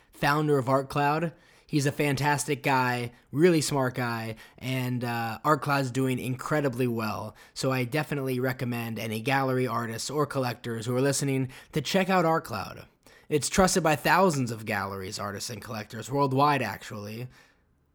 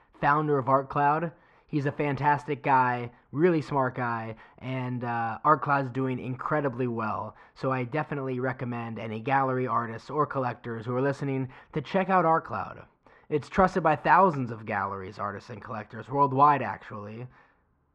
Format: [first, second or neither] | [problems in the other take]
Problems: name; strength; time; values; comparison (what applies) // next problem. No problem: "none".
first | muffled; very; fading above 2 kHz